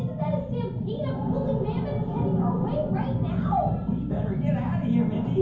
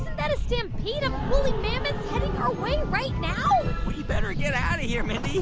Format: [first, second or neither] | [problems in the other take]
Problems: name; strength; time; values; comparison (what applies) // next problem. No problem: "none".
second | room echo; dies away in 0.9 s